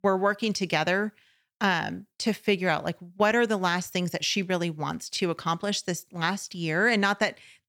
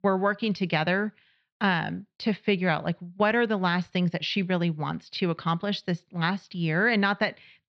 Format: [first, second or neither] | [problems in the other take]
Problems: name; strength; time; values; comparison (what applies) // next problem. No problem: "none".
first | muffled; very slightly; fading above 4 kHz